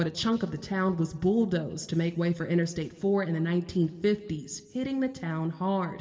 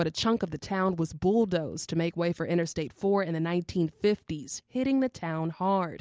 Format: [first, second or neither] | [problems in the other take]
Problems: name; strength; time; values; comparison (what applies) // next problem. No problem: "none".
second | room echo; dies away in 1.6 s